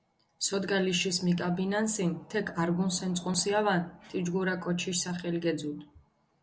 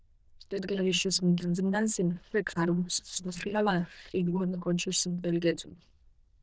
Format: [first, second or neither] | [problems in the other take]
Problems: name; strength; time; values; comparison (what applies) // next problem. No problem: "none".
first | noise reduction (neural diffusion model UNIVERSE++)